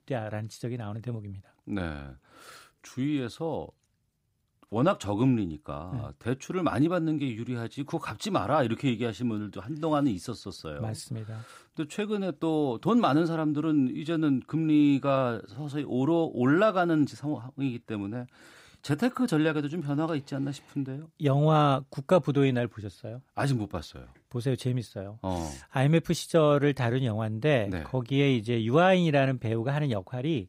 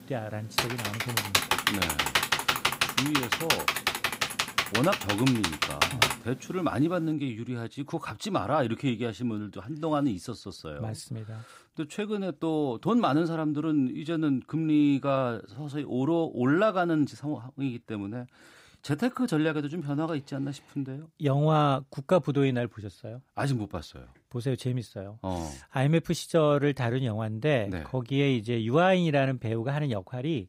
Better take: first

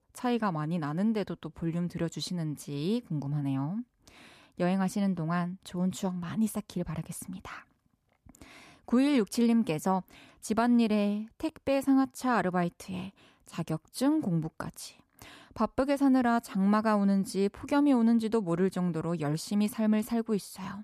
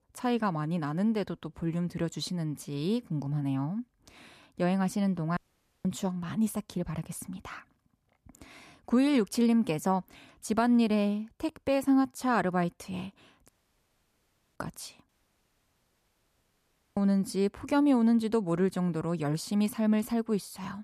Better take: first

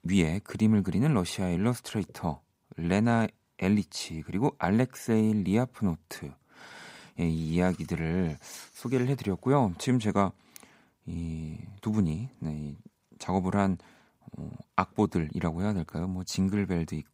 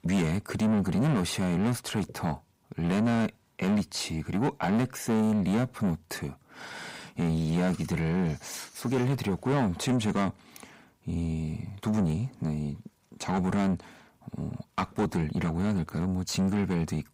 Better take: first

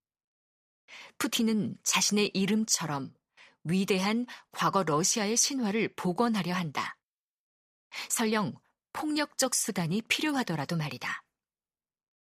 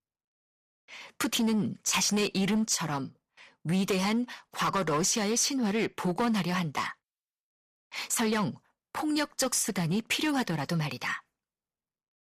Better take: first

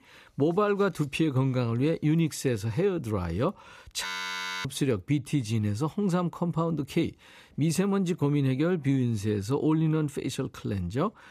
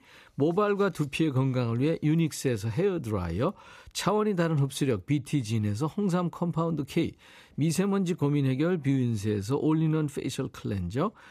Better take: second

